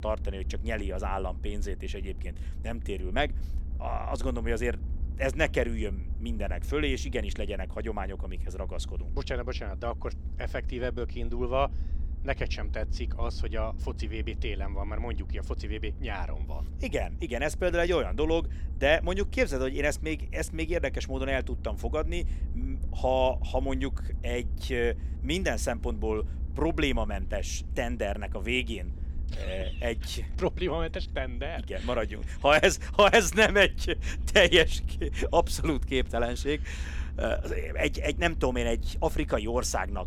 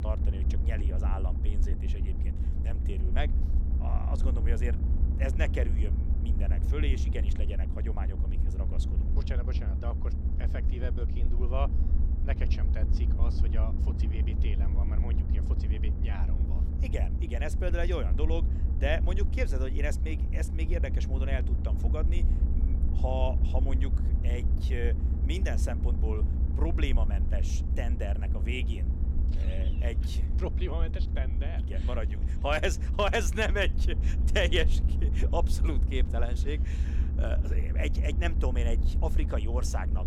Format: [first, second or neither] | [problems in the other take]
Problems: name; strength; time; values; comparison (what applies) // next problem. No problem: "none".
first | low rumble; loud; throughout; 9 dB below the speech; faint in the first